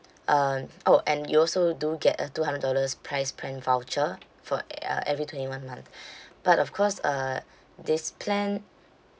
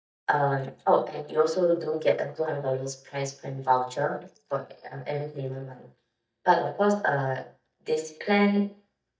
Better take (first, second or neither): first